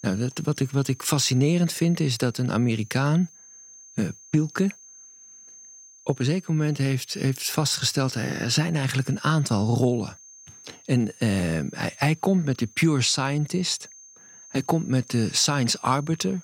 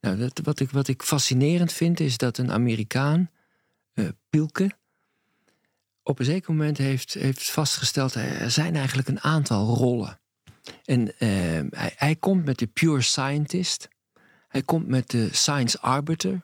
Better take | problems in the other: second | high-pitched whine; faint; throughout; 6.5 kHz, 20 dB below the speech

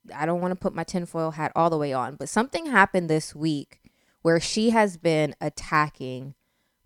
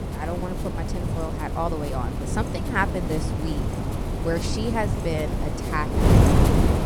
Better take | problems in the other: first | wind noise on the microphone; heavy; 1 dB below the speech

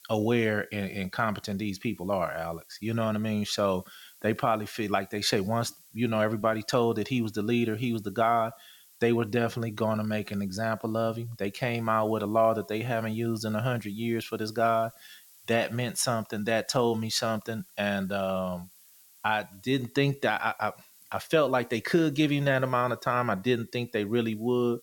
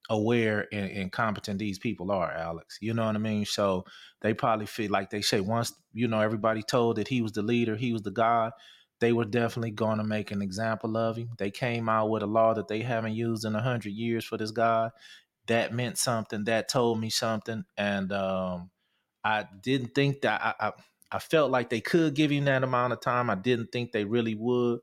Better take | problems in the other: second | hiss; faint; throughout; 25 dB below the speech

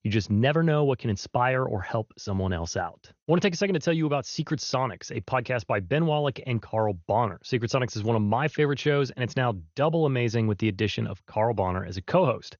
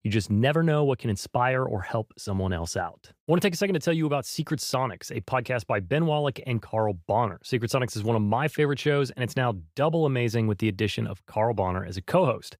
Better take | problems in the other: second | garbled, watery; slightly; nothing above 6.5 kHz

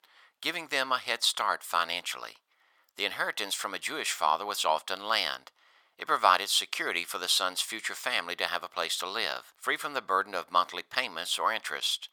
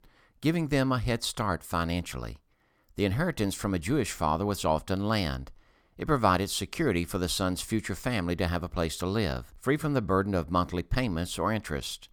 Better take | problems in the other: second | thin; very; fading below 900 Hz

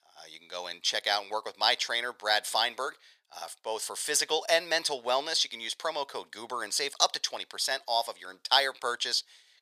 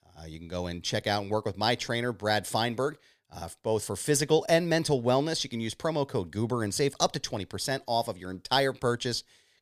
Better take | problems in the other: second | thin; very; fading below 850 Hz

